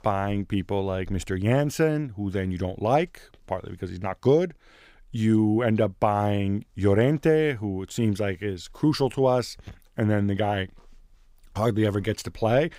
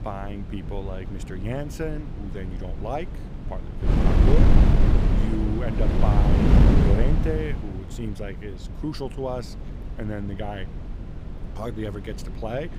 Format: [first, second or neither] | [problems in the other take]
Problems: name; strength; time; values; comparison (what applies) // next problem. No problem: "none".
first | wind noise on the microphone; heavy; 4 dB above the speech